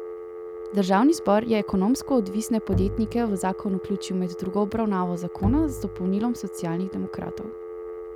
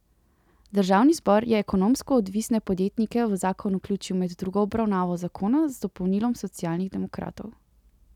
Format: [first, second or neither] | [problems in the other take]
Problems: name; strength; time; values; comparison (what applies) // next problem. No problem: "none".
second | background sound (Telephone + Bowed string instrument); 8 dB below the speech